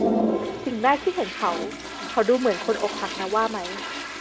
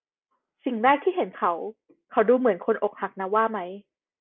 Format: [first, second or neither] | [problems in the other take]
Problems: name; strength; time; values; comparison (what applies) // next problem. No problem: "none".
second | background sound (Toilet flush); 3 dB below the speech